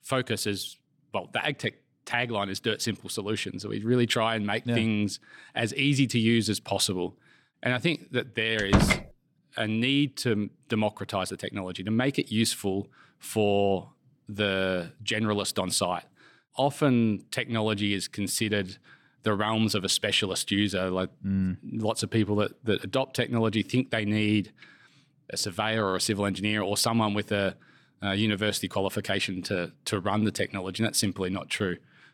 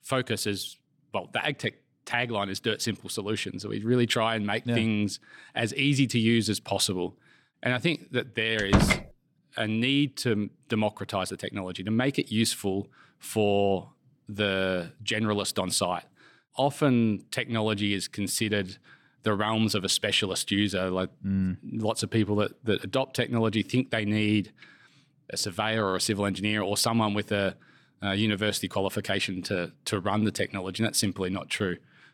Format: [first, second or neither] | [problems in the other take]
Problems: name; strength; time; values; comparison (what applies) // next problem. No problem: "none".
neither | door banging; loud; at 8.5 s; peak 5 dB above the speech; the same in both